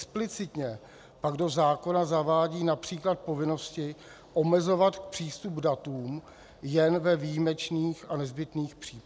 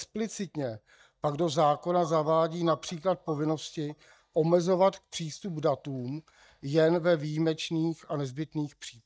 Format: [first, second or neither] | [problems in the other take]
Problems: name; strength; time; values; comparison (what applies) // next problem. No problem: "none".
first | noise reduction (neural mask model DeepFilterNet 3)